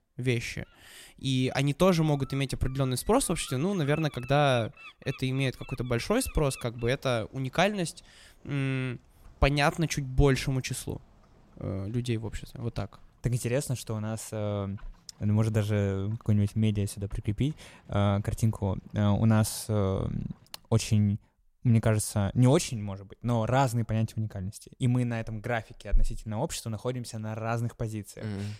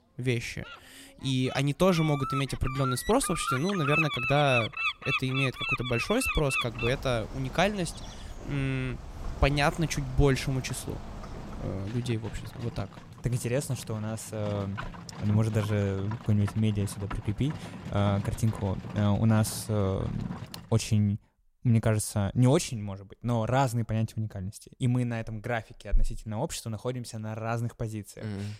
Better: first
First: animal sounds; faint; until 21 s; 25 dB below the speech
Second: animal sounds; loud; until 21 s; 6 dB below the speech

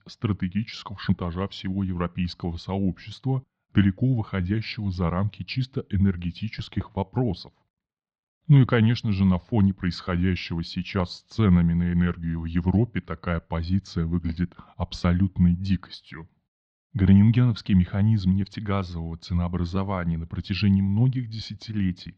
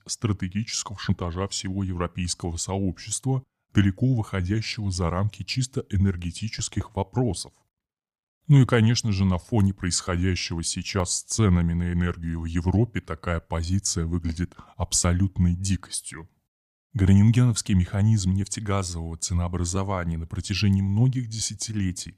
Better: second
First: muffled; slightly; fading above 4 kHz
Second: none

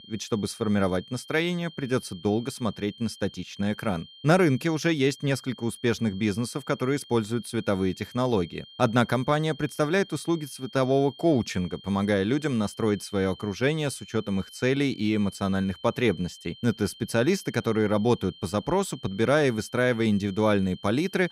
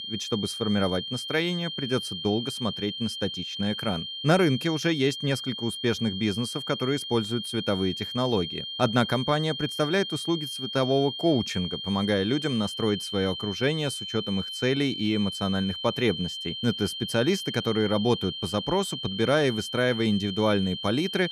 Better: first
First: high-pitched whine; faint; throughout; 3 kHz, 20 dB below the speech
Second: high-pitched whine; loud; throughout; 3 kHz, 6 dB below the speech

